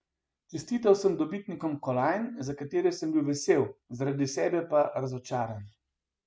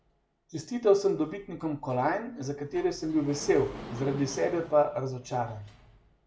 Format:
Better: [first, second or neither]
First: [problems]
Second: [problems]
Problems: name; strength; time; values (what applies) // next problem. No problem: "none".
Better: first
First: none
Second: background sound (Sliding door); 18 dB below the speech // room echo; dies away in 0.4 s